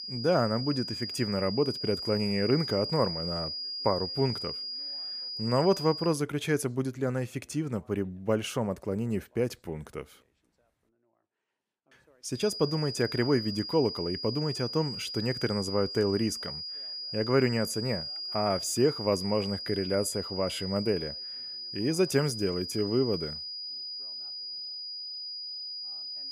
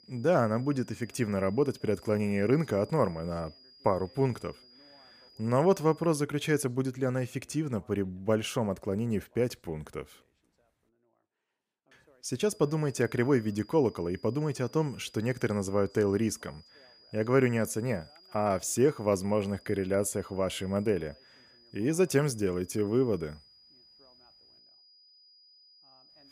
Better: second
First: high-pitched whine; loud; until 6 s and from 12 s on; 5 kHz, 5 dB below the speech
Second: high-pitched whine; faint; until 6 s and from 12 s on; 5 kHz, 25 dB below the speech

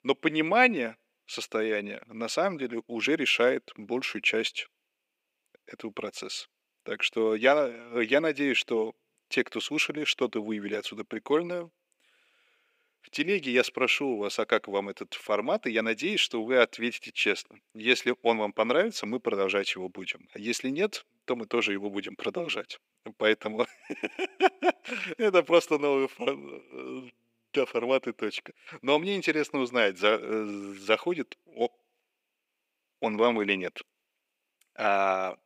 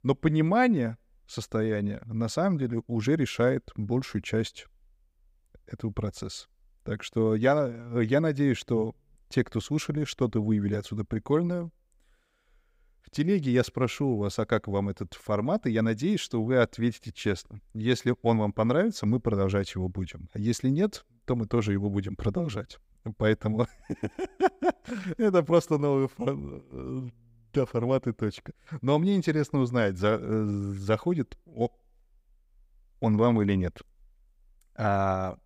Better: second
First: thin; somewhat; fading below 300 Hz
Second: none

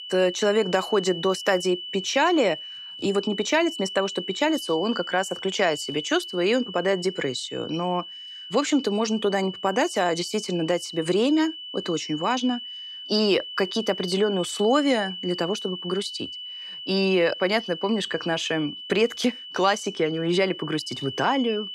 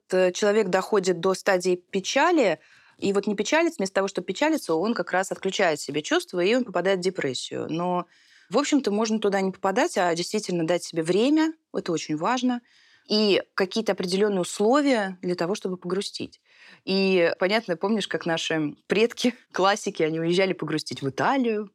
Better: second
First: high-pitched whine; loud; throughout; 3 kHz, 10 dB below the speech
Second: none

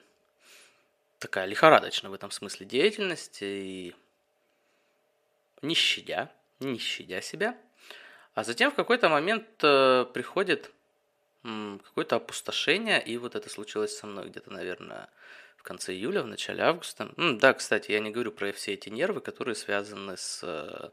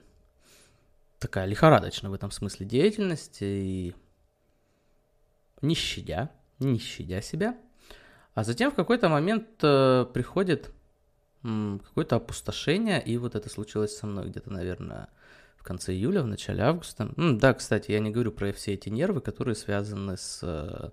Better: second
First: thin; somewhat; fading below 350 Hz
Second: none

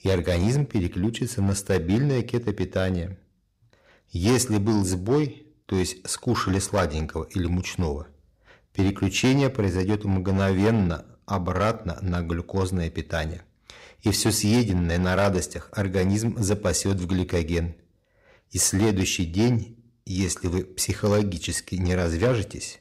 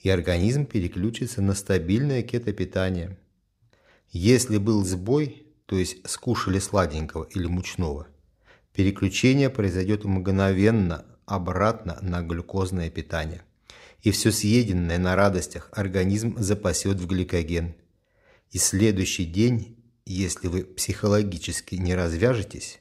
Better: second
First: distortion; slight; 5% of the sound clipped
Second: none

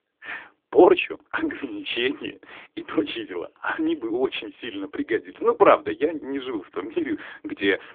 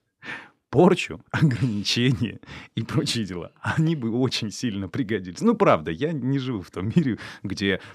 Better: second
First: phone-call audio; poor line; nothing above 3.5 kHz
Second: none

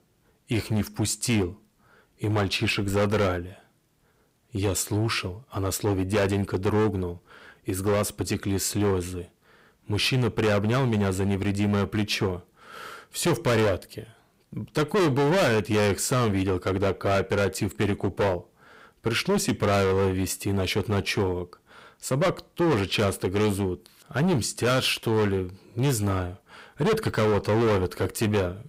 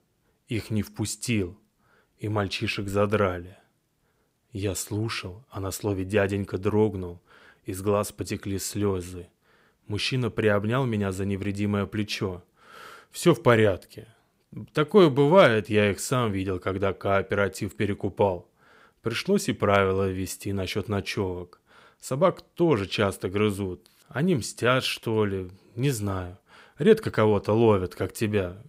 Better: second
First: distortion; heavy; 14% of the sound clipped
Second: none

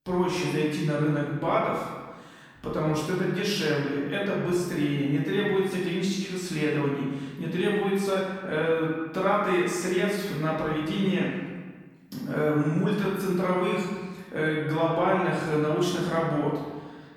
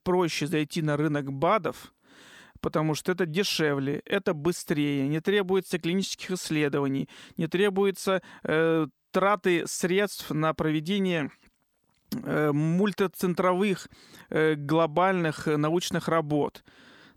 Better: second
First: room echo; noticeable; dies away in 1.3 s // off-mic speech; far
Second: none

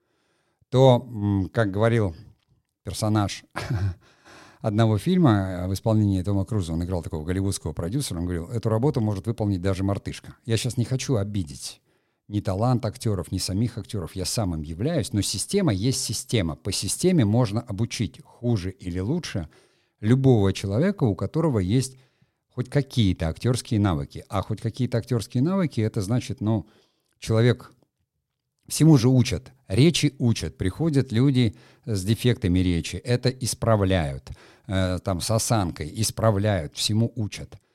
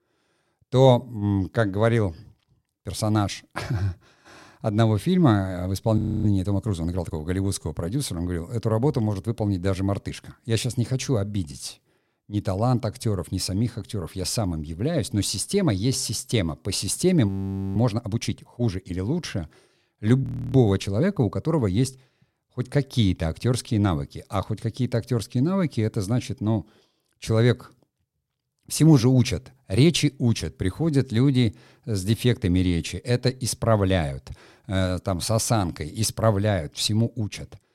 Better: first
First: none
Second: audio freezing; at 6 s, at 17 s and at 20 s

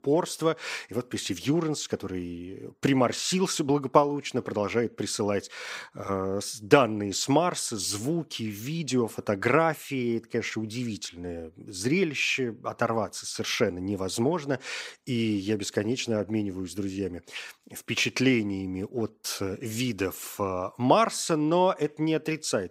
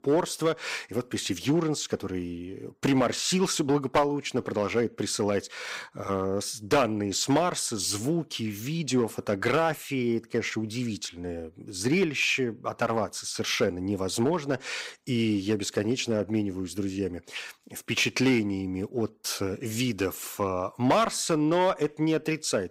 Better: first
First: none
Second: distortion; slight; 2% of the sound clipped

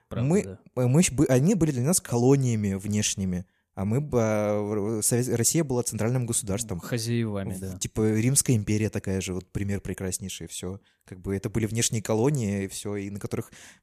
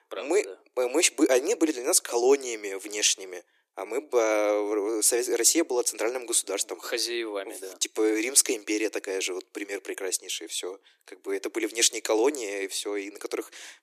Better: first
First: none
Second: thin; very; fading below 300 Hz

